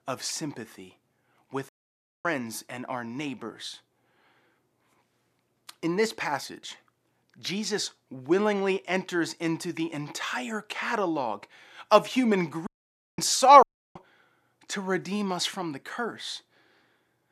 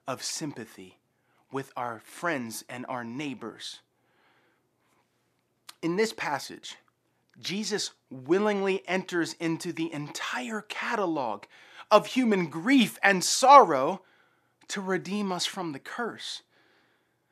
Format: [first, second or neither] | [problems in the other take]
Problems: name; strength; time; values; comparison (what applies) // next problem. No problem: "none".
second | audio cutting out; at 1.5 s for 0.5 s, at 13 s for 0.5 s and at 14 s